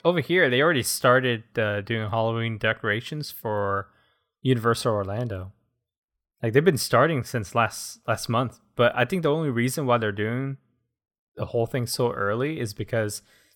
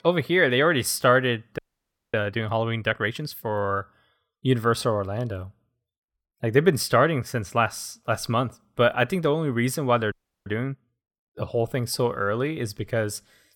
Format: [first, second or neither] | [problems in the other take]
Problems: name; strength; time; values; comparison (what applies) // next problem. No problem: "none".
first | audio freezing; at 1.5 s for 0.5 s and at 10 s